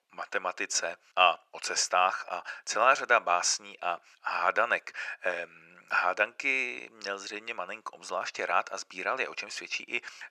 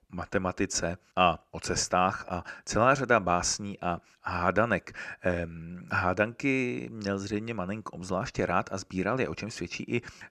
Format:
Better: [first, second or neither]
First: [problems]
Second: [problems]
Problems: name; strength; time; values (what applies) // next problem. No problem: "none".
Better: second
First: thin; very; fading below 700 Hz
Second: none